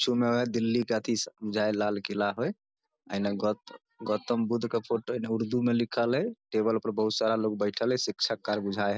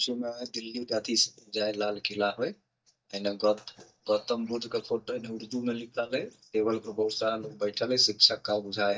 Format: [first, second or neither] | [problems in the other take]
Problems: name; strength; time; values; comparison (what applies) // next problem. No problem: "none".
first | noise reduction (neural mask model DeepFilterNet 3)